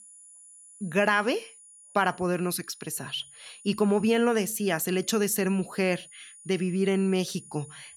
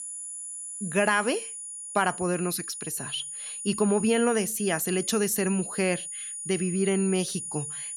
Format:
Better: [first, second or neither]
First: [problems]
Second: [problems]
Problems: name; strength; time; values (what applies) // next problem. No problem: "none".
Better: first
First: high-pitched whine; faint; throughout; 9.5 kHz, 20 dB below the speech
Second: high-pitched whine; loud; throughout; 9.5 kHz, 7 dB below the speech